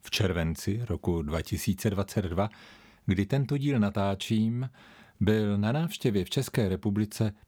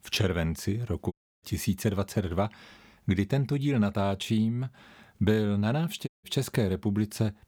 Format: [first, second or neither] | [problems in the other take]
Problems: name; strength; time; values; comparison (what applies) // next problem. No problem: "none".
first | audio cutting out; at 1 s and at 6 s